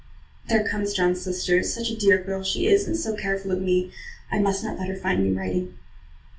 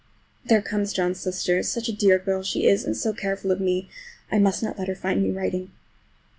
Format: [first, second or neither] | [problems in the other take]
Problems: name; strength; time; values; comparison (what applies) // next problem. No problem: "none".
second | room echo; dies away in 0.2 s